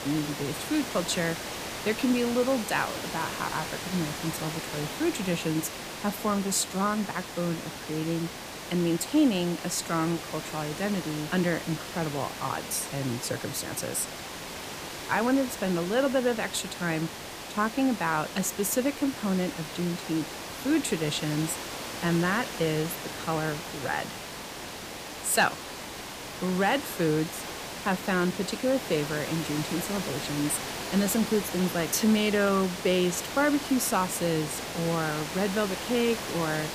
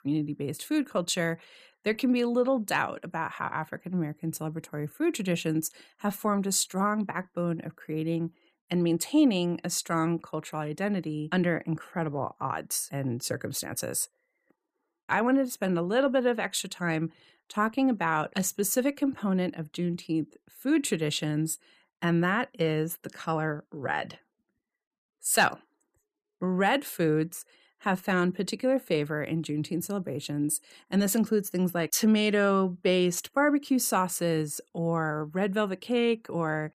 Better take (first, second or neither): second